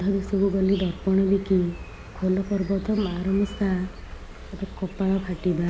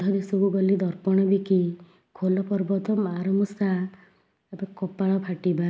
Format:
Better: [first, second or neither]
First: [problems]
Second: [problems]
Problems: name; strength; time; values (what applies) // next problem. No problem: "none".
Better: second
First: background sound (Insect); 13 dB below the speech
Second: none